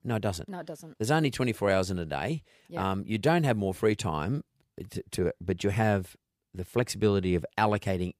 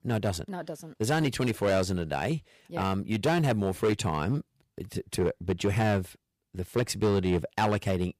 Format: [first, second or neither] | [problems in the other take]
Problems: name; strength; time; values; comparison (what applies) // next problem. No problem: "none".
first | distortion; slight; 7% of the sound clipped